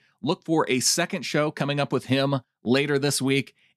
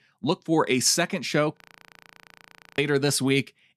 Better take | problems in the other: first | audio freezing; at 1.5 s for 1 s

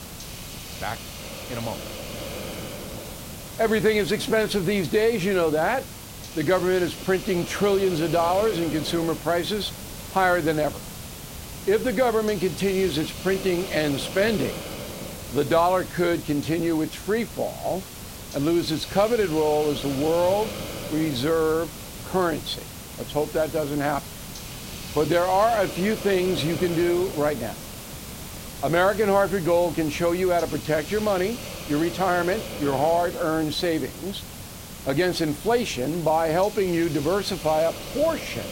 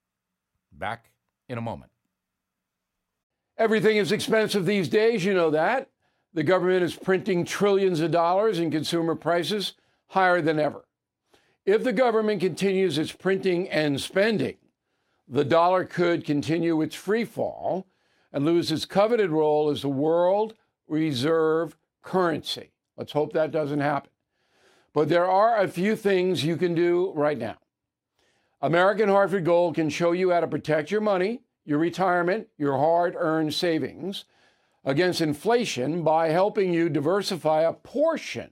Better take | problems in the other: second | hiss; noticeable; throughout; 10 dB below the speech

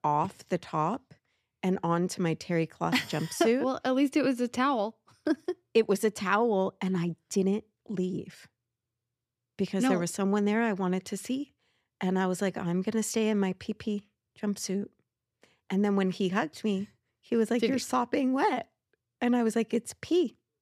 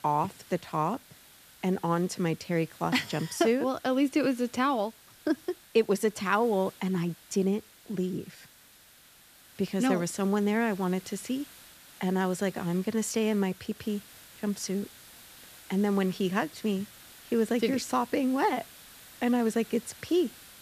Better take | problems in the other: first | hiss; faint; throughout; 20 dB below the speech

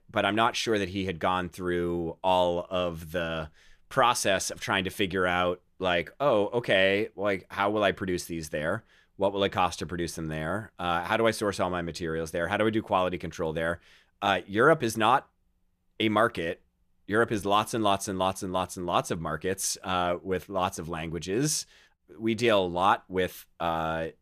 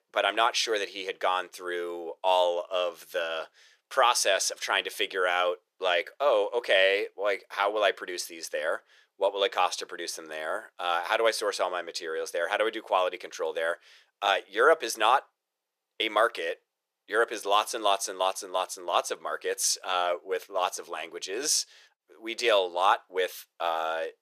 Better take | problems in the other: first | thin; very; fading below 450 Hz

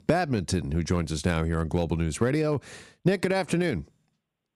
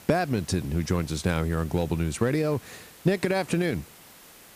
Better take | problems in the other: first | hiss; faint; throughout; 20 dB below the speech

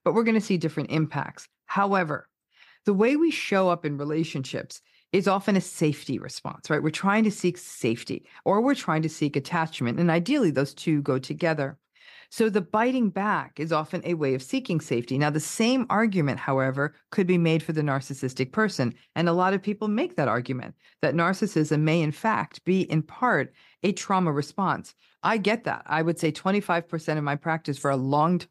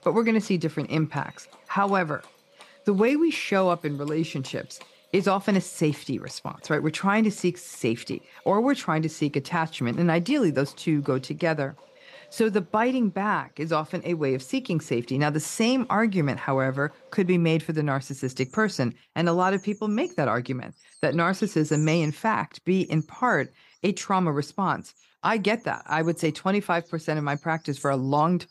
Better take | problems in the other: first | animal sounds; faint; throughout; 25 dB below the speech

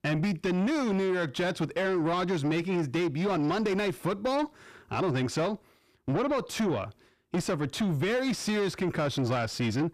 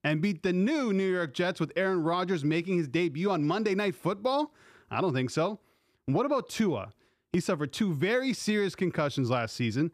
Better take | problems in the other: second | distortion; slight; 10 dB below the speech

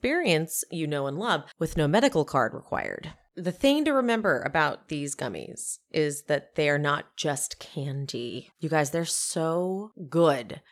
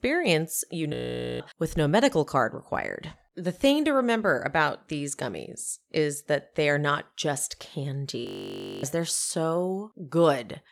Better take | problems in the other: first | audio freezing; at 1 s and at 8.5 s for 0.5 s

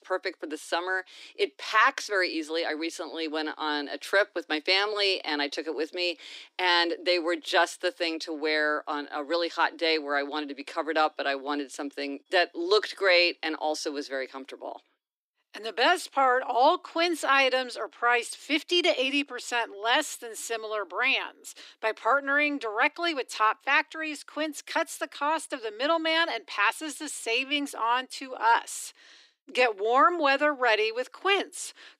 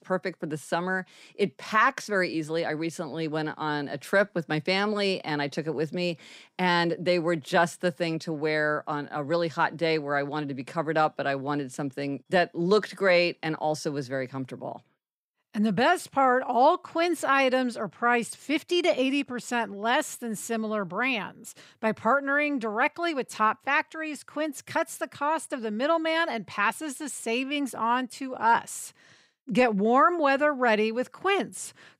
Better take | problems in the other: second | thin; somewhat; fading below 300 Hz

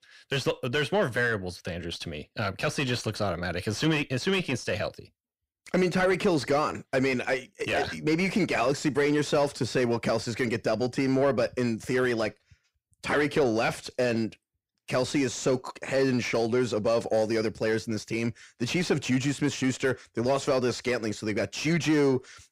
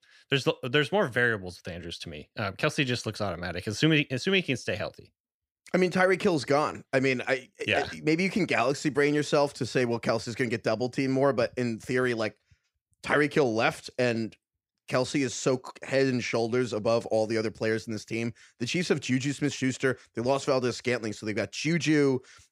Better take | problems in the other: second | distortion; slight; 10 dB below the speech

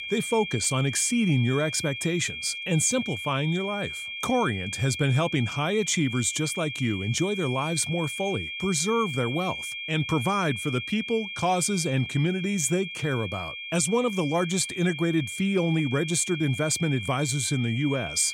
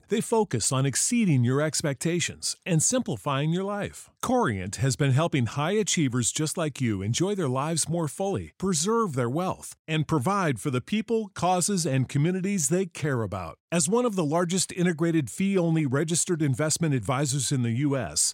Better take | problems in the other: second | high-pitched whine; loud; throughout; 2.5 kHz, 7 dB below the speech

